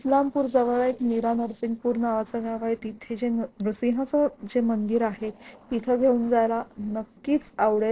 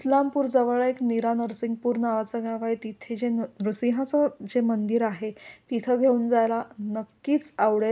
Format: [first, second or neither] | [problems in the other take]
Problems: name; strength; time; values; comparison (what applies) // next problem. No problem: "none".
second | noise reduction (neural separator model SepFormer DNS4)